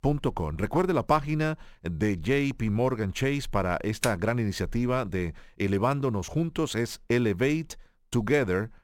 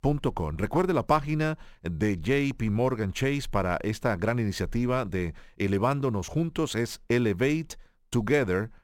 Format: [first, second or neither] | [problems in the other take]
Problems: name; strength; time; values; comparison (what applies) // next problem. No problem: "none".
second | keyboard typing; noticeable; at 4 s; peak 6 dB below the speech